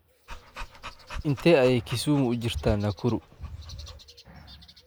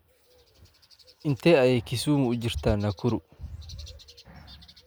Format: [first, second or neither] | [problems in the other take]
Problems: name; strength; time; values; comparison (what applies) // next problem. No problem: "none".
second | background sound (Dog); 16 dB below the speech